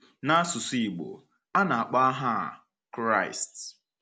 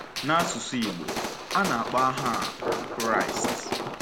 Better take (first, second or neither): first